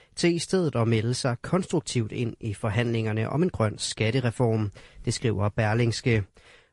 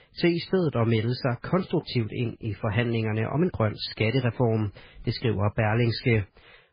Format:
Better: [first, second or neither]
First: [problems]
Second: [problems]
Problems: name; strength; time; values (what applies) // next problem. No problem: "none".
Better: first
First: garbled, watery; slightly; nothing above 9 kHz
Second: garbled, watery; badly; nothing above 5 kHz